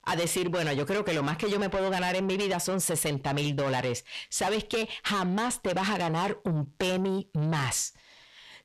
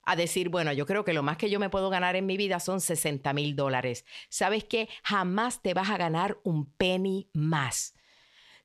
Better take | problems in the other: second | distortion; heavy; 8 dB below the speech

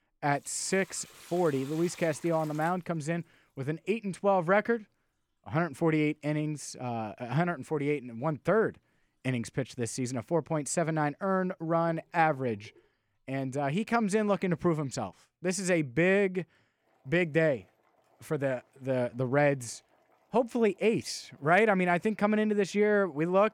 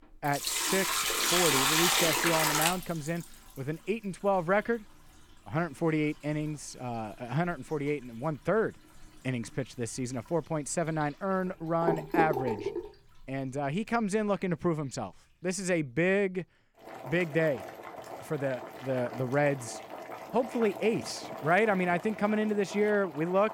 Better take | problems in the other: first | household noises; loud; throughout; as loud as the speech; faint in the first

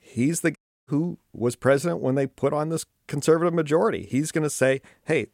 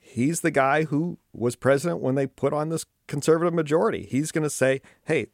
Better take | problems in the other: second | audio cutting out; at 0.5 s

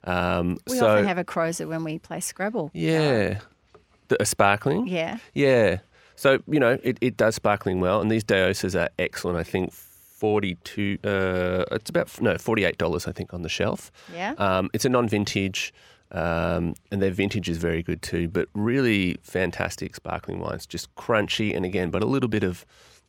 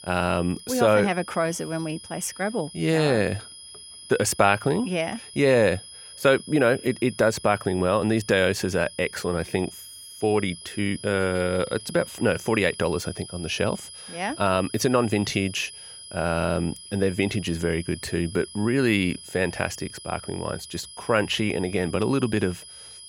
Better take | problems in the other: first | high-pitched whine; noticeable; throughout; 10.5 kHz, 15 dB below the speech

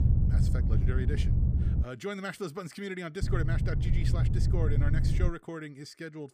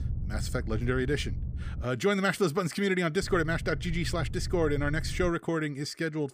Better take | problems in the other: second | low rumble; loud; until 2 s and from 3 to 5.5 s; 3 dB below the speech; faint in the second

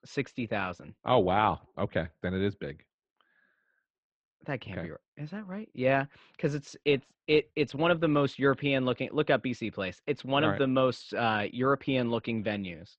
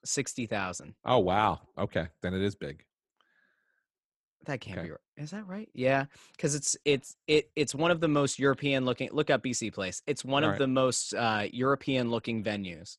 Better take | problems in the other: second | muffled; very; fading above 3.5 kHz

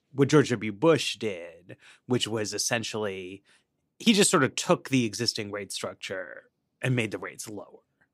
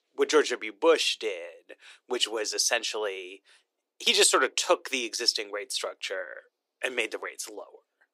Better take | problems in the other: first | thin; very; fading below 400 Hz

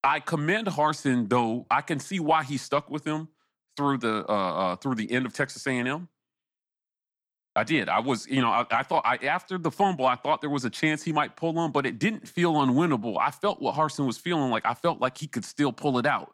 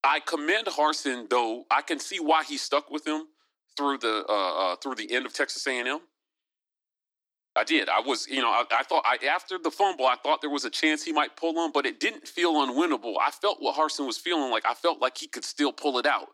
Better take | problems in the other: first | thin; somewhat; fading below 300 Hz

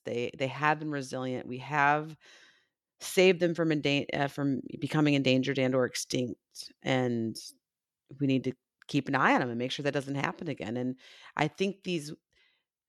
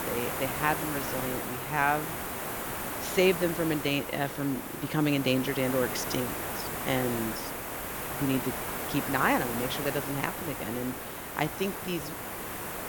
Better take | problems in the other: first | hiss; loud; throughout; 3 dB below the speech

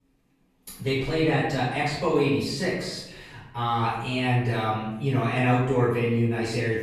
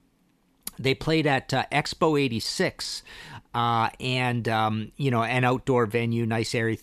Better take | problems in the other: second | room echo; noticeable; dies away in 0.9 s // off-mic speech; far

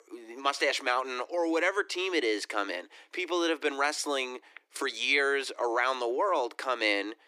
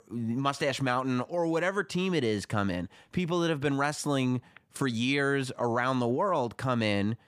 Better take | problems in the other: second | thin; very; fading below 300 Hz

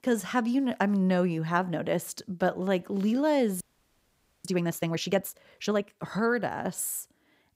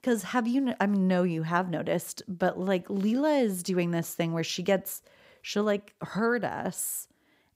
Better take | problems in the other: second | audio freezing; at 3.5 s for 1 s

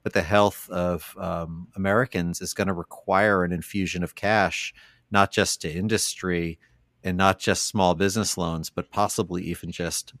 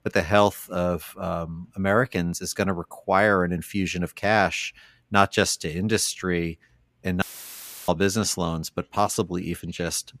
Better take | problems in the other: first | audio cutting out; filled with static; at 7 s for 0.5 s

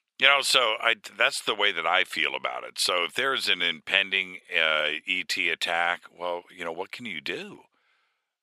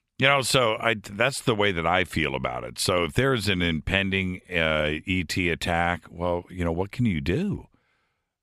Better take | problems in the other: second | thin; very; fading below 500 Hz

